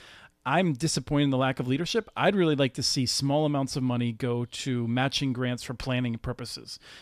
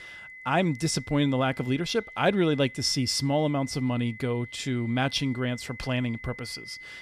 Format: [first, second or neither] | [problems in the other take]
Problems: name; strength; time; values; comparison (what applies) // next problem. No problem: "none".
first | high-pitched whine; noticeable; throughout; 2 kHz, 15 dB below the speech